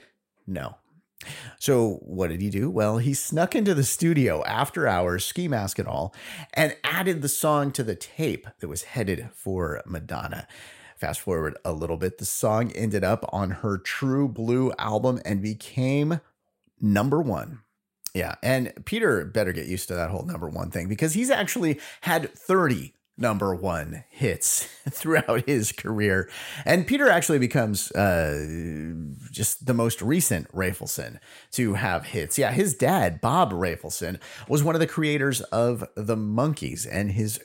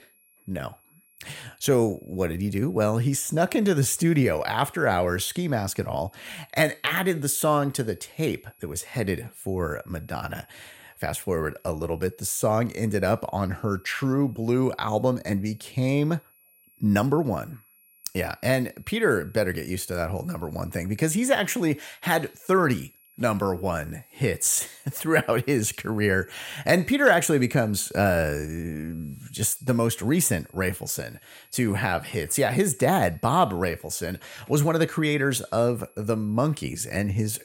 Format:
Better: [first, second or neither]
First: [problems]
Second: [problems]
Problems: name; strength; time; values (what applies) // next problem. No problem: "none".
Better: first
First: none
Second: high-pitched whine; faint; throughout; 11.5 kHz, 30 dB below the speech